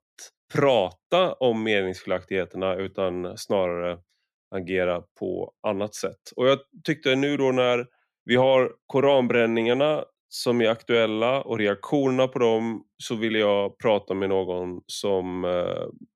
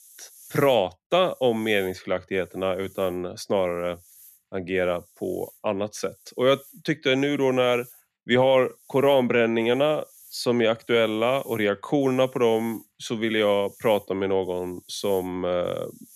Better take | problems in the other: first | hiss; faint; throughout; 25 dB below the speech

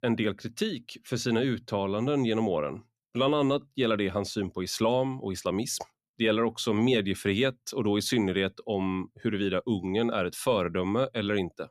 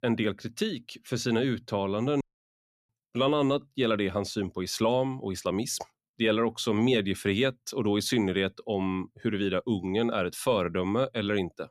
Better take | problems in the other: first | audio cutting out; at 2 s for 0.5 s

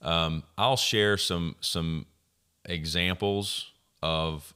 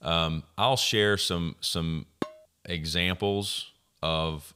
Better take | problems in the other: first | clattering dishes; very faint; at 2 s; peak 10 dB below the speech

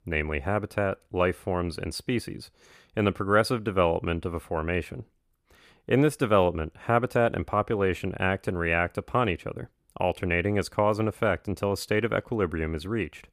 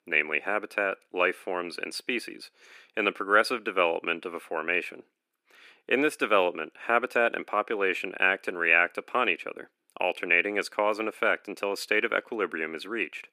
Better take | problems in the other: first | thin; somewhat; fading below 300 Hz

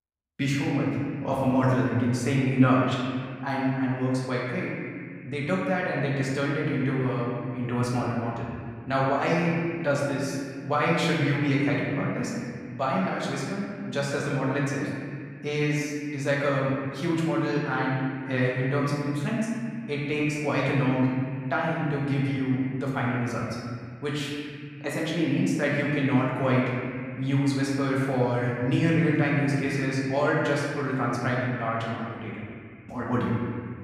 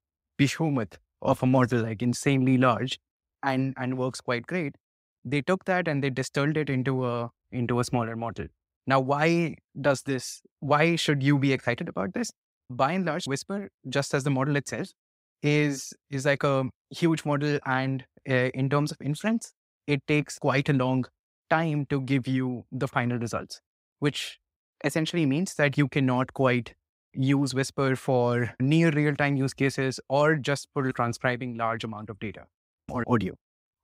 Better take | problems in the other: second | room echo; noticeable; dies away in 2.3 s // off-mic speech; far

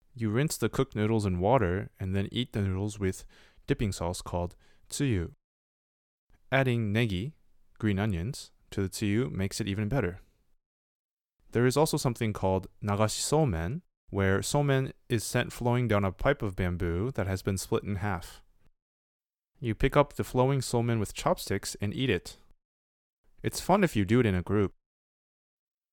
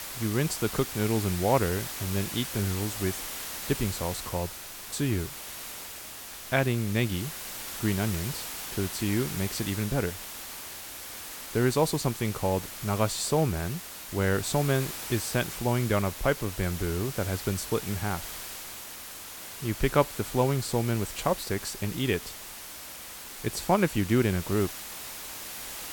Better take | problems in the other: first | hiss; loud; throughout; 8 dB below the speech

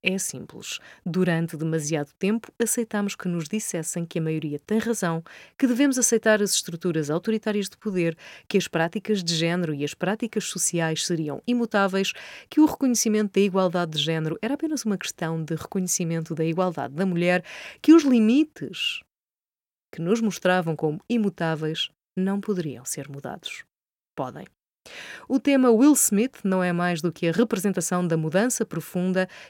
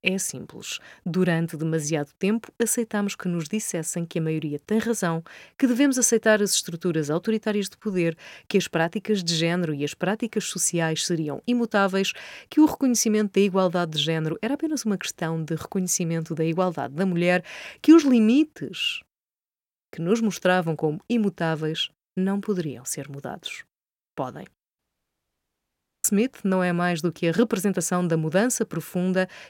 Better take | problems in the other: first | audio cutting out; at 25 s for 1.5 s

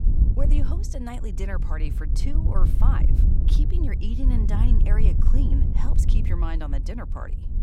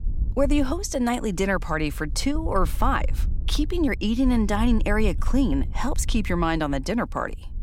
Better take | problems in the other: second | wind noise on the microphone; heavy; 3 dB below the speech; occasional gusts in the second

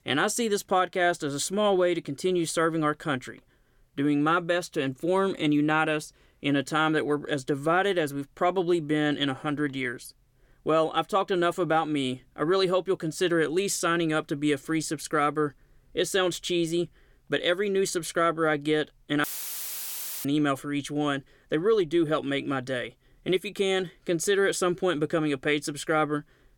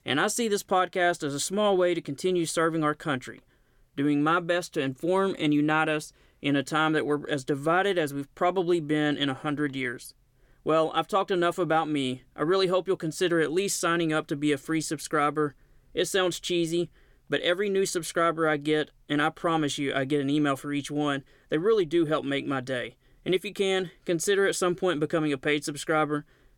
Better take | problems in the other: second | audio cutting out; filled with static; at 19 s for 1 s

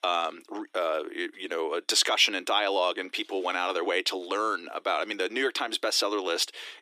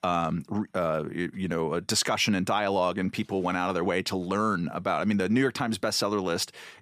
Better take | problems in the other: second | thin; very; fading below 300 Hz

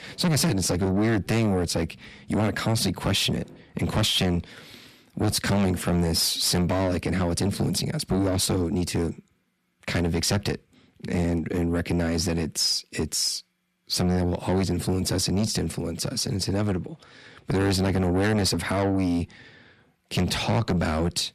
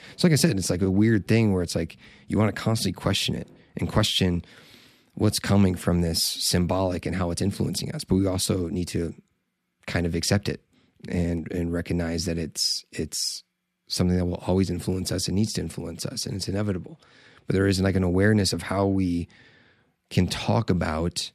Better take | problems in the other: second | distortion; heavy; 8 dB below the speech

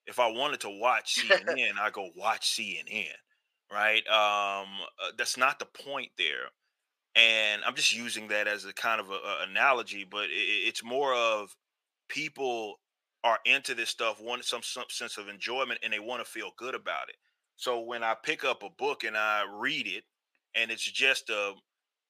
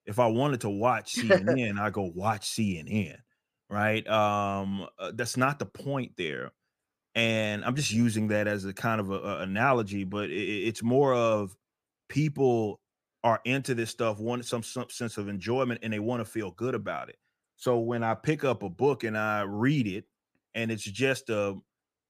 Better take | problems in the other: second | thin; very; fading below 600 Hz

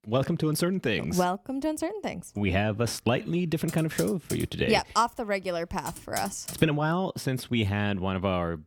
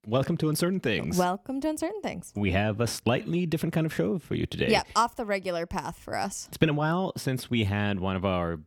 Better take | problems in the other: second | keyboard typing; noticeable; from 3.5 to 6.5 s; peak 9 dB below the speech

